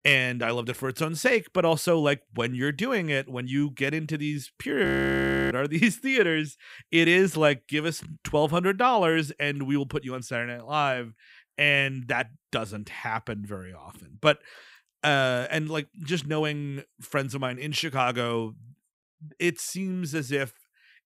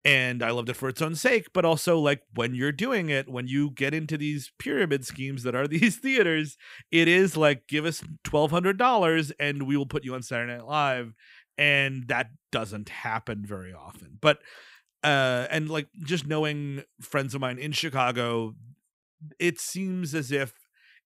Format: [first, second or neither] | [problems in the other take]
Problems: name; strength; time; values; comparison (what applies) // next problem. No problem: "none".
second | audio freezing; at 5 s for 0.5 s